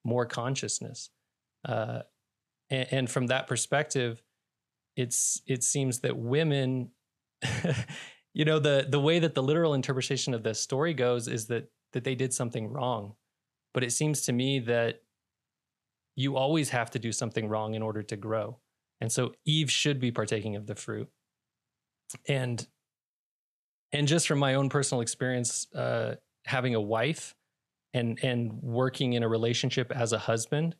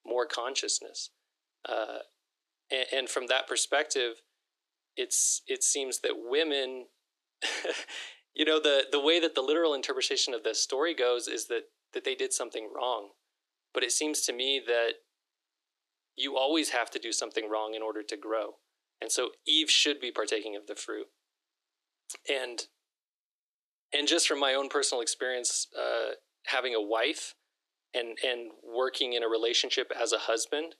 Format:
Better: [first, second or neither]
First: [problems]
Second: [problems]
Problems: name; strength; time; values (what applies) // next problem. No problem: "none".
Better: first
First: none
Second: thin; very; fading below 300 Hz